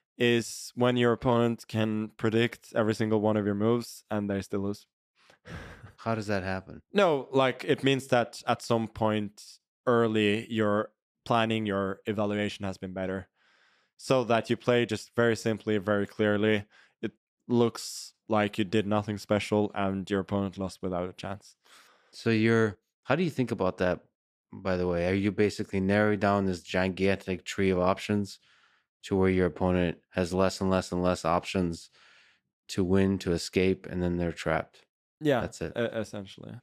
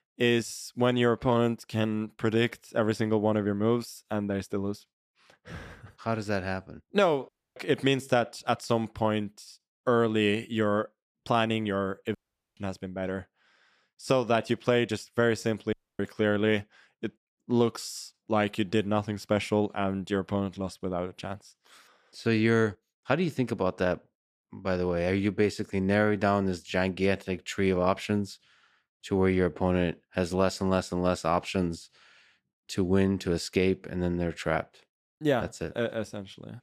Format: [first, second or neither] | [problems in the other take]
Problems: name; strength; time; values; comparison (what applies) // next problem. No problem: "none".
first | audio cutting out; at 7.5 s, at 12 s and at 16 s